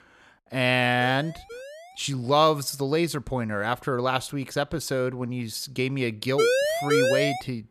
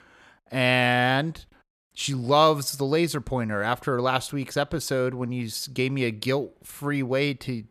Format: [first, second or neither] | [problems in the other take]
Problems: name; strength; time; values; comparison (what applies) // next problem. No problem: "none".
second | siren; faint; at 1 s; peak 15 dB below the speech // siren; loud; from 6.5 s on; peak 4 dB above the speech